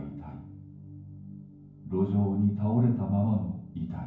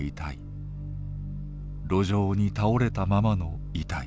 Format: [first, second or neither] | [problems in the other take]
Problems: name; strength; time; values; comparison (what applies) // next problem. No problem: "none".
second | room echo; dies away in 0.9 s